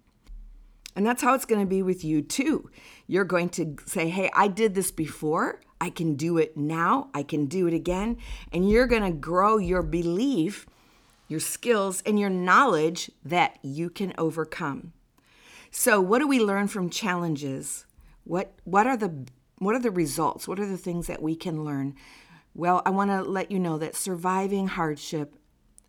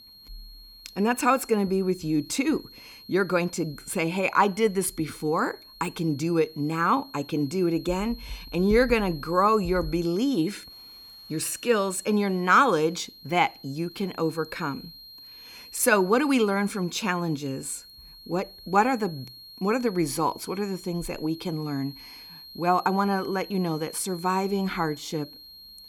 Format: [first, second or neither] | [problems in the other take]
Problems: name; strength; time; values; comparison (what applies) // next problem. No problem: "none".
first | high-pitched whine; noticeable; throughout; 4 kHz, 20 dB below the speech